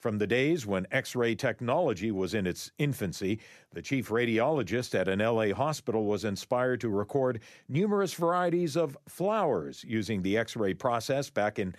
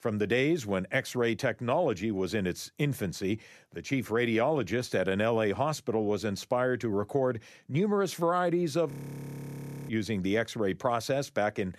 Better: first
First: none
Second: audio freezing; at 9 s for 1 s

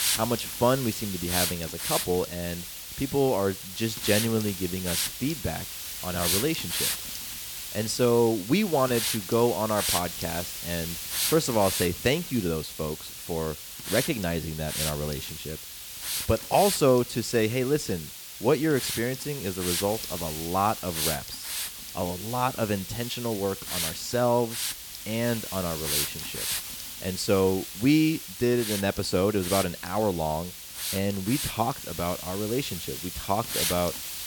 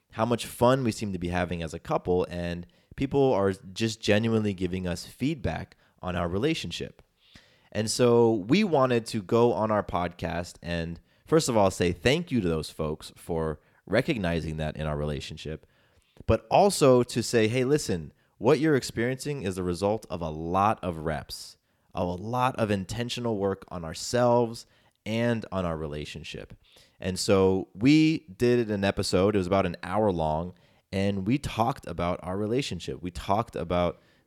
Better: second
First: hiss; loud; throughout; 4 dB below the speech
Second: none

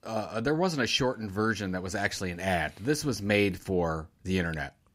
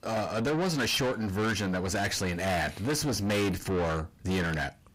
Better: first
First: none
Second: distortion; heavy; 6 dB below the speech

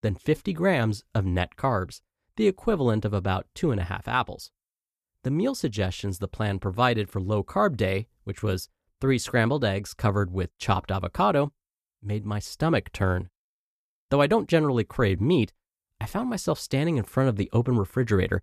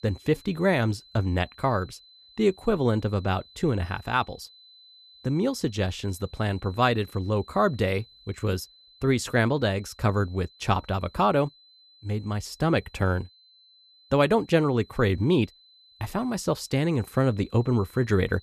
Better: first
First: none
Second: high-pitched whine; faint; throughout; 4 kHz, 25 dB below the speech

